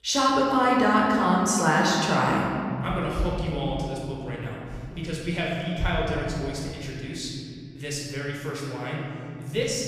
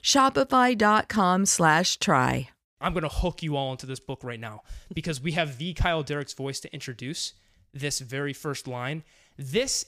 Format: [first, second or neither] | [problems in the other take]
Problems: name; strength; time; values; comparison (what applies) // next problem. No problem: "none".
second | off-mic speech; far // room echo; noticeable; dies away in 2.8 s